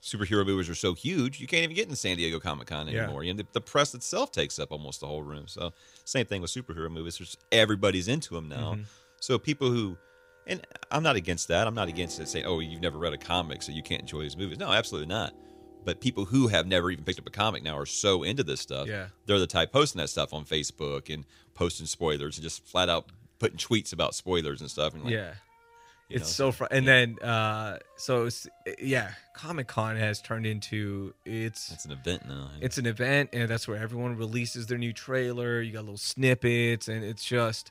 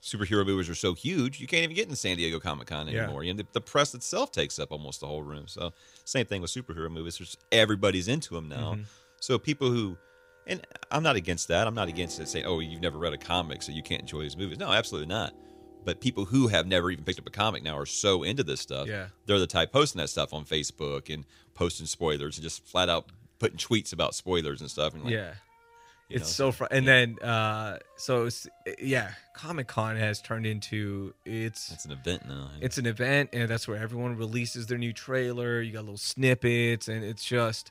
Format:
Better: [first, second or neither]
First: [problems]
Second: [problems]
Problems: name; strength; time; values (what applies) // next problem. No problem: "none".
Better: neither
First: background music; faint; throughout; 30 dB below the speech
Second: background music; faint; throughout; 30 dB below the speech